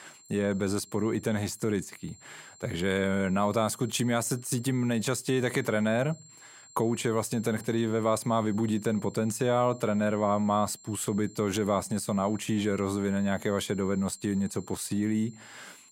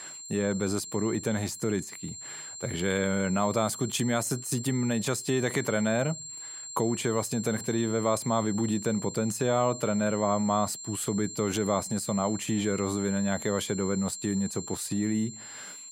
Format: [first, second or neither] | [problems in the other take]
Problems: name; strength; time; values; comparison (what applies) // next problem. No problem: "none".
first | high-pitched whine; loud; throughout; 7.5 kHz, 10 dB below the speech; faint in the first